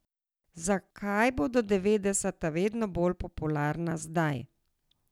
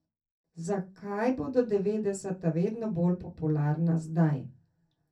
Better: first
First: none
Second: room echo; dies away in 0.3 s

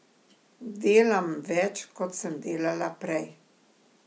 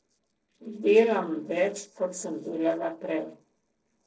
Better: first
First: none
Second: noise reduction (neural separator model SepFormer DNS4)

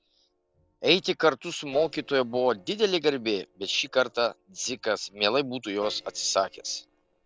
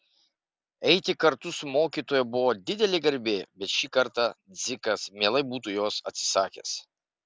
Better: second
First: noise reduction (neural separator model SepFormer DNS4)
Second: none

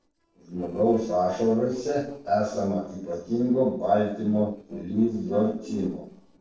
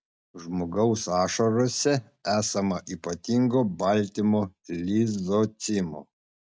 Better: second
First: noise reduction (neural separator model SepFormer DNS4)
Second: none

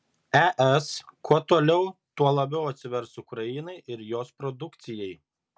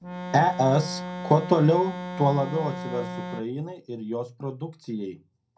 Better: first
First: none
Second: background sound (Organ); 8 dB below the speech // room echo; dies away in 0.2 s

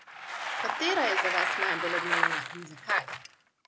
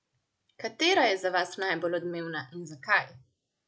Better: second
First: background sound (Bicycle); 3 dB above the speech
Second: none

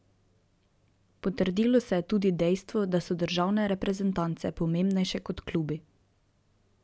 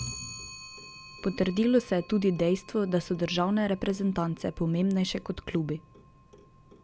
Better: first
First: none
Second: background sound (Clock); 18 dB below the speech

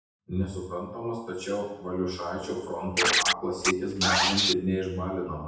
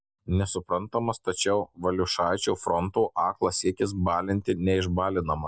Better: second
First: background sound (Scratching (performance technique)); 3 dB above the speech // room echo; dies away in 0.8 s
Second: none

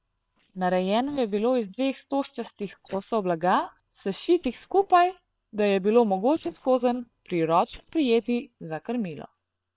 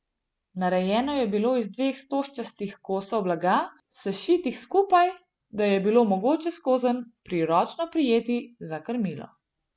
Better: second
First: noise reduction (neural separator model SepFormer WHAM!)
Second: none

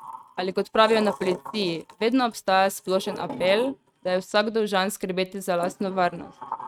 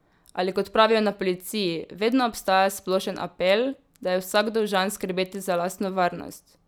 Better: second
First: noise reduction (neural mask model RNNoise)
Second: none

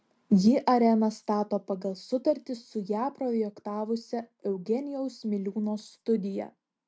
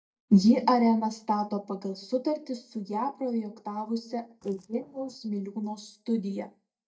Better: first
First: none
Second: noise reduction (neural mask model DeepFilterNet 3)

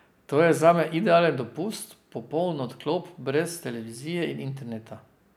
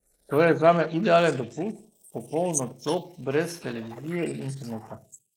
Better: first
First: none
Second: noise reduction (neural mask model Resemble Enhance denoiser)

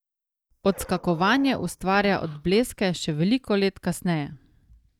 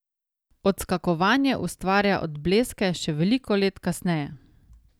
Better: second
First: noise reduction (neural mask model DeepFilterNet 3)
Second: none

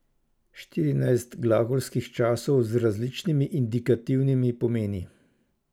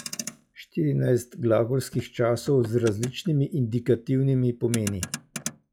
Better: first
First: none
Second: noise reduction (classical method log-MMSE)

